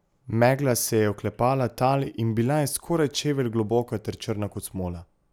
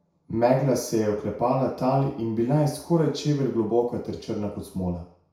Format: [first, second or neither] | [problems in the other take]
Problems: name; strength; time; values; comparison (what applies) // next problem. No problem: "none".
first | room echo; dies away in 0.6 s